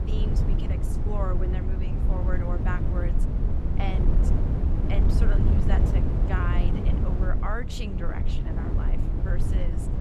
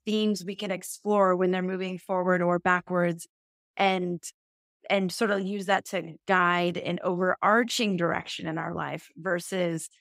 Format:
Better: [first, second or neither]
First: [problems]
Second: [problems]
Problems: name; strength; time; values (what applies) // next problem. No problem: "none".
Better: second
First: wind noise on the microphone; heavy; 1 dB below the speech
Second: none